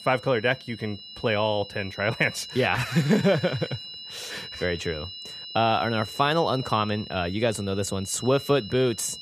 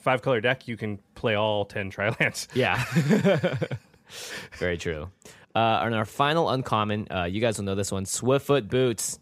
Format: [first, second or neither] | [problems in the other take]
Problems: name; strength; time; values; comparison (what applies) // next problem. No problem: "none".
second | high-pitched whine; noticeable; throughout; 4 kHz, 15 dB below the speech